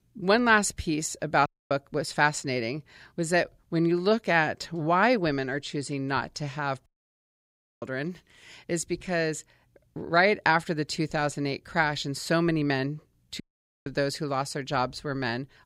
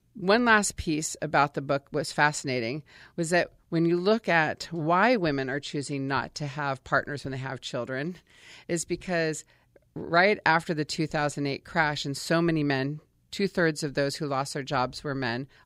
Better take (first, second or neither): second